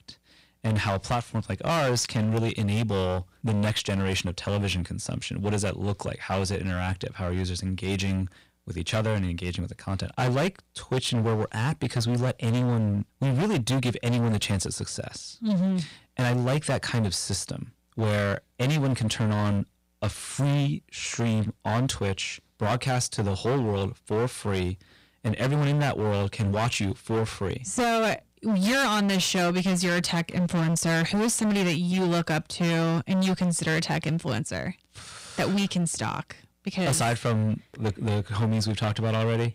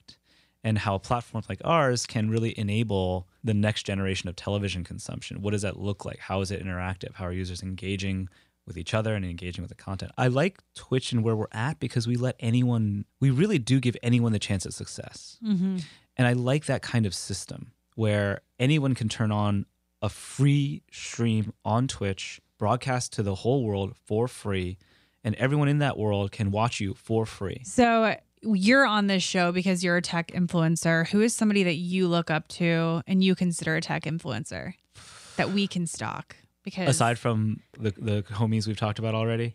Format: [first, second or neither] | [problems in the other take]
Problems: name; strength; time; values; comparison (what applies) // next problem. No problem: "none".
second | distortion; heavy; 21% of the sound clipped